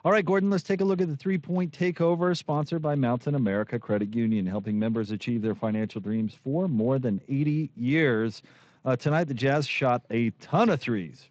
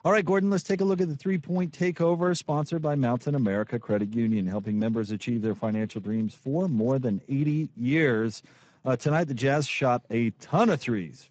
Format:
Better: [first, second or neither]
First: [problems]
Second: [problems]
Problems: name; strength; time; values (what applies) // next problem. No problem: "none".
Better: first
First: garbled, watery; slightly; nothing above 7.5 kHz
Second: garbled, watery; badly; nothing above 8 kHz